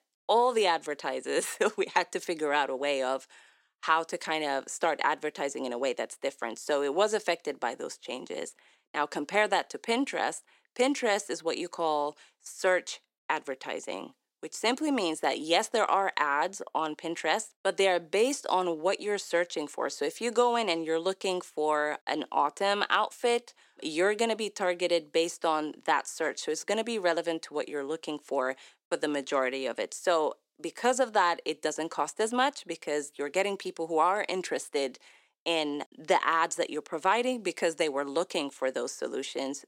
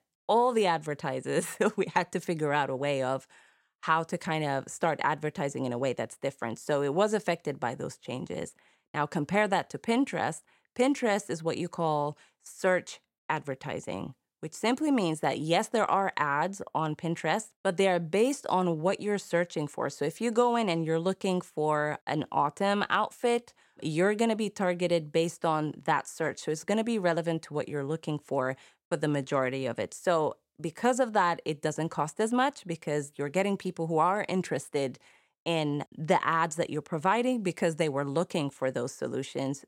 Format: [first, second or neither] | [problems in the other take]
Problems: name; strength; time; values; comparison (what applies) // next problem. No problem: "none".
second | thin; very slightly; fading below 300 Hz